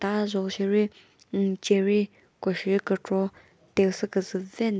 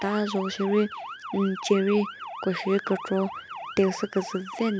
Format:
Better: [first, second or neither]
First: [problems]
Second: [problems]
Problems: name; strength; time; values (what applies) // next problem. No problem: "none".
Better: first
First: none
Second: background sound (Motor vehicle (road) / Siren); 11 dB below the speech